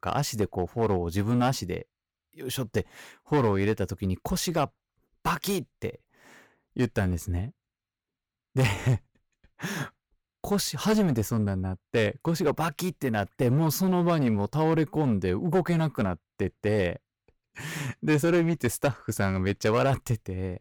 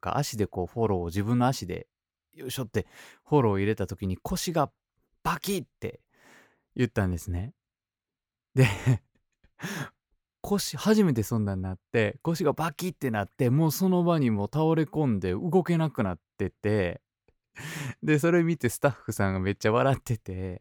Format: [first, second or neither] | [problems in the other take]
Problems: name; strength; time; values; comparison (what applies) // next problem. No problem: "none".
second | distortion; slight; 6% of the sound clipped